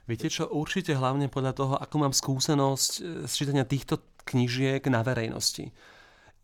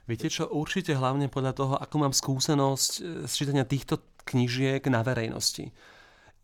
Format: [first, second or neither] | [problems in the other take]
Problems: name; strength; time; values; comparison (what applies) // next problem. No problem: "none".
neither | none